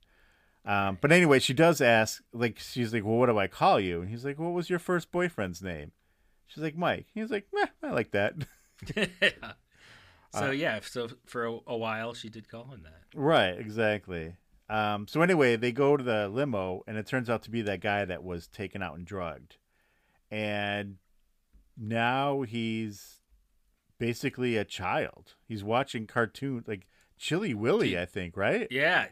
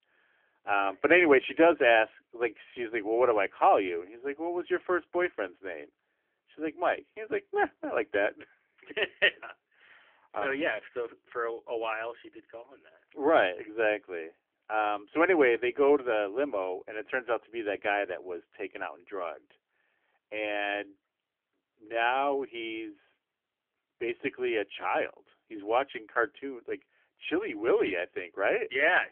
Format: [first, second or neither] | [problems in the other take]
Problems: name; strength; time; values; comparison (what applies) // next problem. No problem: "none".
first | phone-call audio; nothing above 3 kHz